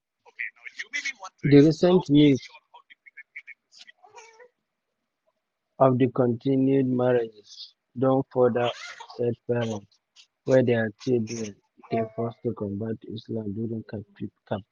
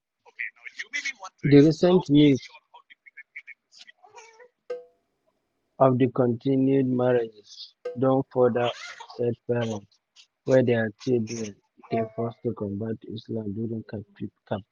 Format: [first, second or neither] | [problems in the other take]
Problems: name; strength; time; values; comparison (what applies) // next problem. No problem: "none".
first | background sound (Cowbell); 19 dB below the speech